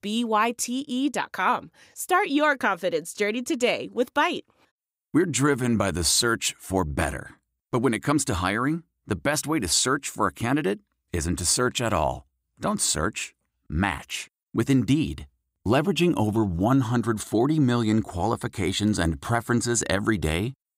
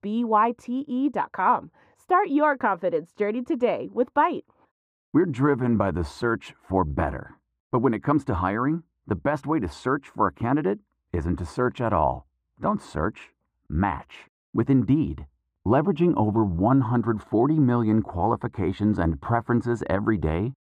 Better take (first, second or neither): first